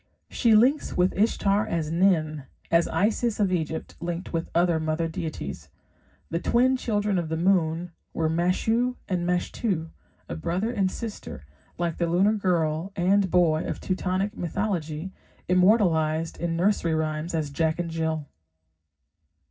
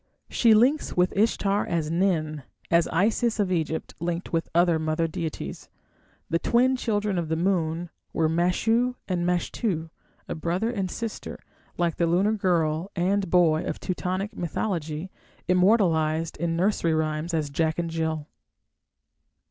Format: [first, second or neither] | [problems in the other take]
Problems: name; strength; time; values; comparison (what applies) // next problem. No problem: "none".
second | room echo; dies away in 0.4 s